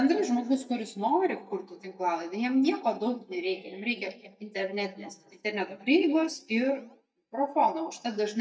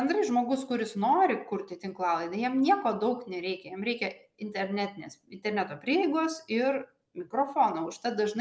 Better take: second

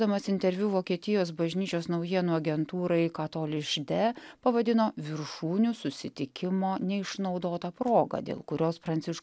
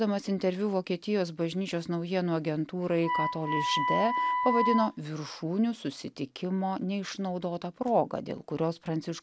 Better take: first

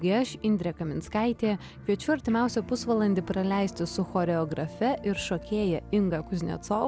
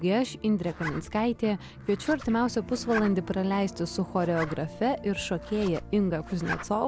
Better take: first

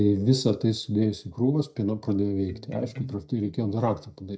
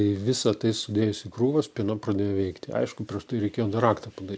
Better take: second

